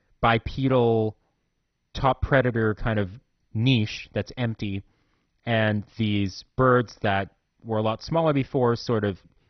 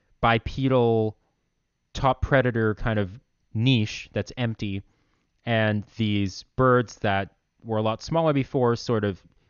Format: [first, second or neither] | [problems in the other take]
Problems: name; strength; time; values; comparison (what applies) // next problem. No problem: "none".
second | garbled, watery; badly; nothing above 6 kHz; slightly in the second